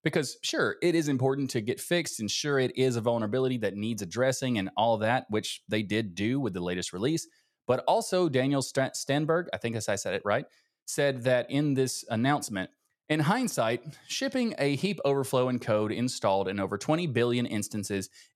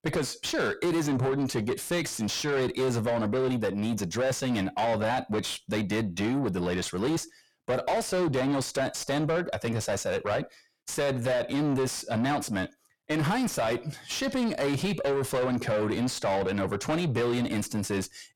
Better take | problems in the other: first | distortion; heavy; 7 dB below the speech

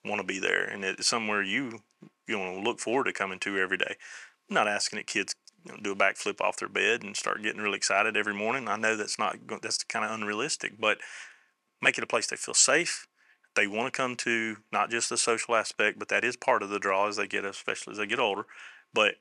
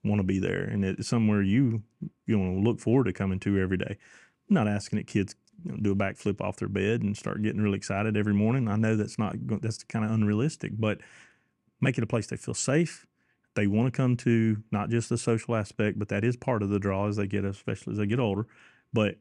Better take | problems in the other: second | thin; very; fading below 800 Hz

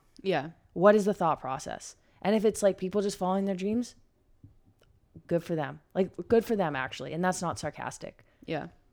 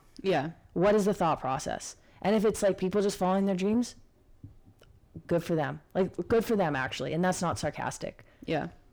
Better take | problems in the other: first | distortion; heavy; 7 dB below the speech

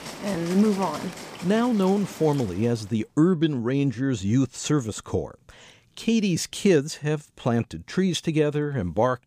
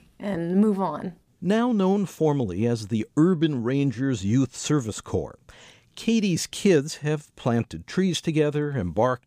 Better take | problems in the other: second | animal sounds; noticeable; until 3 s; 15 dB below the speech

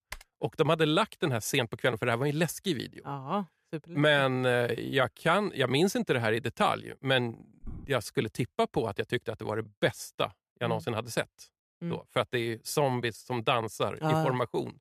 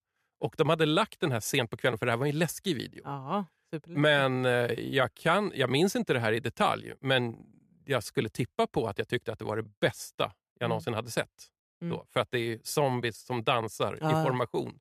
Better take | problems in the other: second | keyboard typing; faint; at the start; peak 15 dB below the speech // footsteps; faint; at 7.5 s; peak 15 dB below the speech

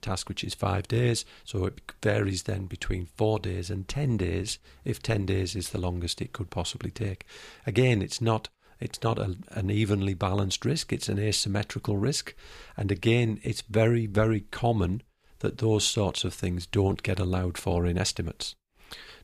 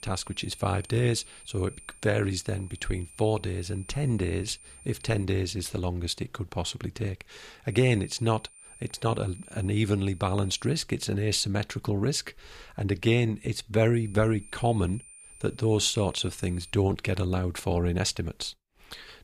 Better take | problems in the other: first | high-pitched whine; faint; until 5 s, from 7.5 to 11 s and from 14 to 17 s; 9 kHz, 20 dB below the speech

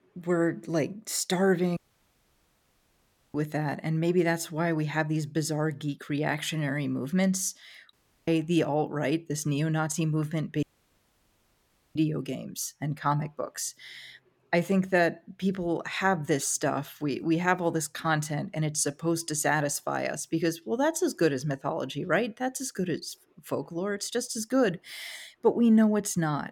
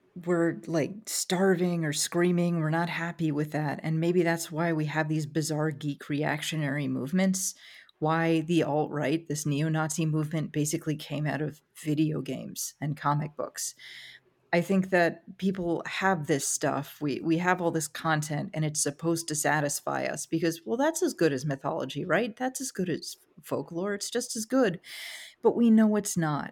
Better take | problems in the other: second | audio cutting out; at 2 s for 1.5 s, at 8 s and at 11 s for 1.5 s

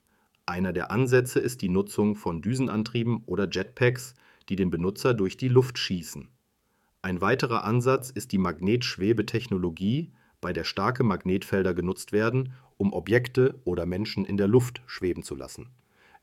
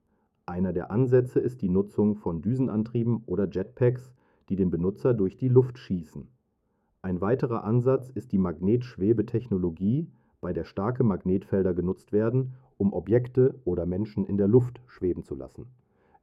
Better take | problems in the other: first | muffled; very; fading above 1.5 kHz

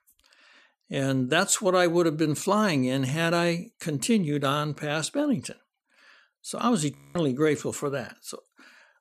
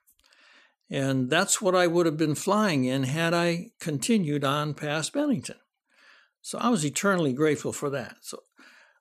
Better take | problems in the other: second | audio freezing; at 7 s

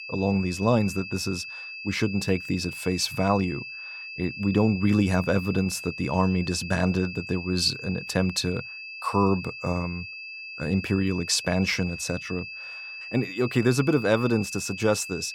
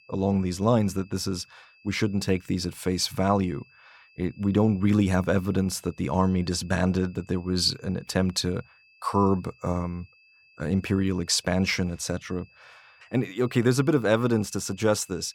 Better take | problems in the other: second | high-pitched whine; loud; throughout; 2.5 kHz, 10 dB below the speech; faint in the second

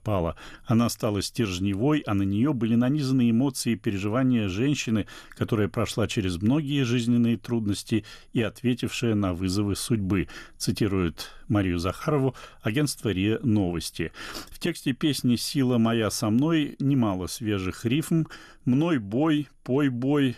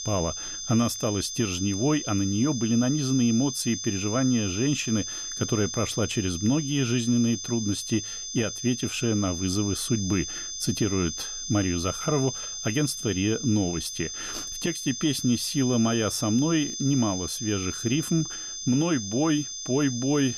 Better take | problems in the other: first | high-pitched whine; loud; throughout; 6.5 kHz, 6 dB below the speech

